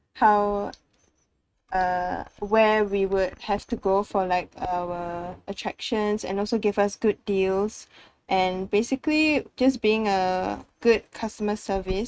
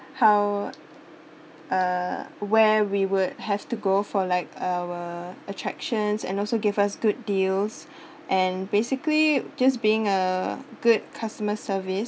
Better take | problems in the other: second | noise reduction (neural mask model RNNoise)

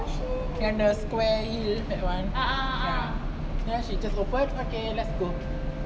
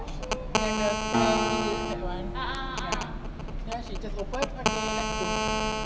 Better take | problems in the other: first | background sound (Acoustic guitar + Telephone); 2 dB above the speech

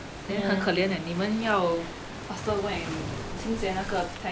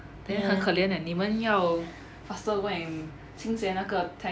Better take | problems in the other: second | background sound (Waves, surf); 9 dB below the speech

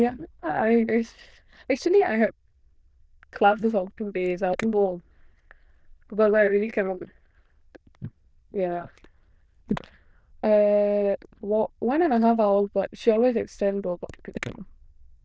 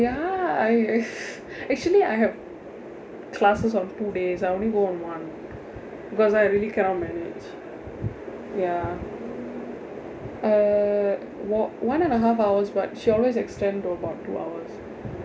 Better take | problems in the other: second | noise reduction (neural diffusion model UNIVERSE++)

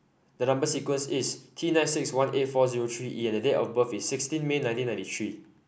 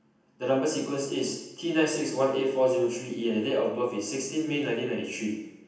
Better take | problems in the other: first | room echo; dies away in 0.9 s

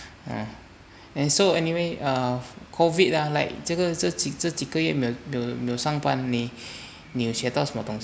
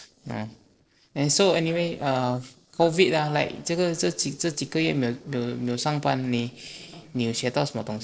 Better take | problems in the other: first | noise reduction (neural separator model SepFormer DNS4)

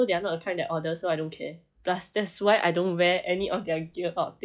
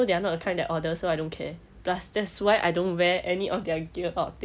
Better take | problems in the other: second | noise reduction (classical method log-MMSE)

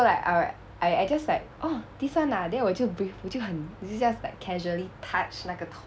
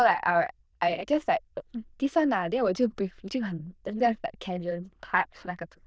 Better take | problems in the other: first | noise reduction (neural diffusion model UNIVERSE++)

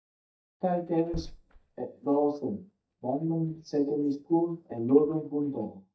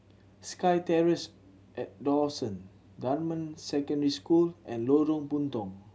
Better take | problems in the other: second | noise reduction (neural mask model DeepFilterNet 3)

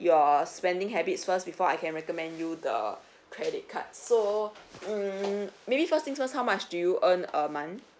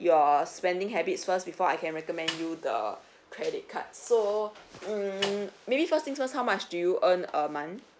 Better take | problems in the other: first | background sound (Snare drum); 12 dB below the speech

